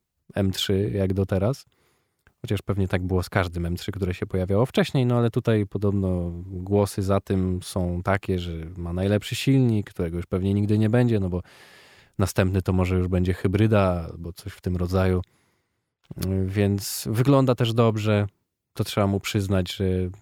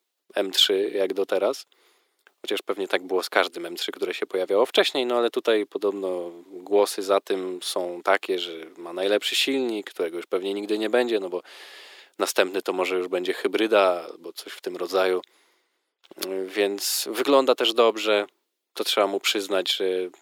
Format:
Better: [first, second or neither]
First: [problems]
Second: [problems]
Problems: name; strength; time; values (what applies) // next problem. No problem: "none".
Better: first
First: none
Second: thin; very; fading below 350 Hz